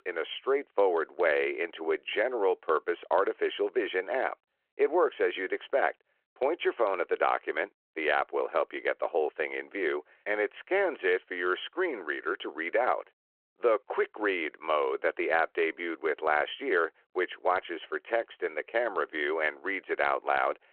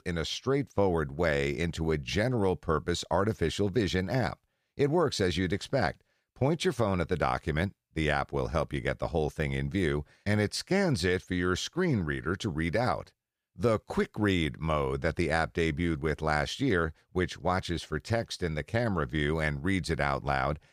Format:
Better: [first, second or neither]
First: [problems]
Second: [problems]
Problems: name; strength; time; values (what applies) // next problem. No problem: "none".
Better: second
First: phone-call audio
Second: none